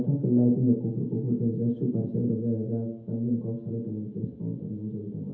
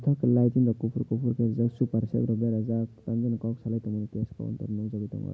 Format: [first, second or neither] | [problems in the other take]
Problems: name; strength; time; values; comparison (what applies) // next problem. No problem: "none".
second | room echo; dies away in 0.8 s